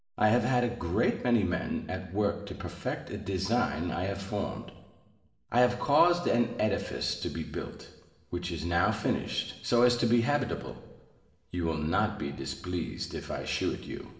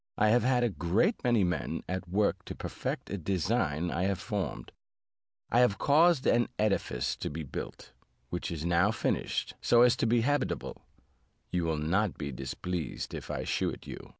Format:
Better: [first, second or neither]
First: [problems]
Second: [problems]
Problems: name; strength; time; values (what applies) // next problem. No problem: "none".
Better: second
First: room echo; dies away in 1.1 s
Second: none